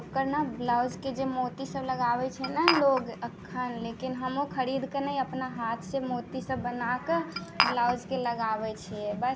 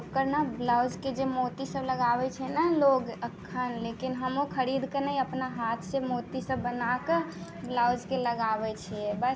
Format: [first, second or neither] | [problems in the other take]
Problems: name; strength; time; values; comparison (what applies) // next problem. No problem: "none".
second | background sound (Glass); 2 dB below the speech